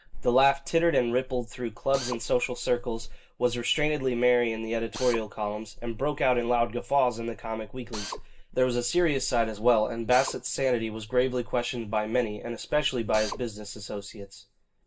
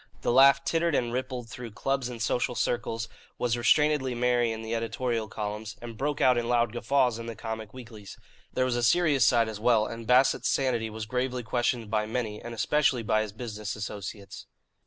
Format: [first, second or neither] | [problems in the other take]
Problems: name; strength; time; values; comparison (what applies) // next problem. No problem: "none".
second | background sound (Drill); 19 dB below the speech // room echo; dies away in 0.2 s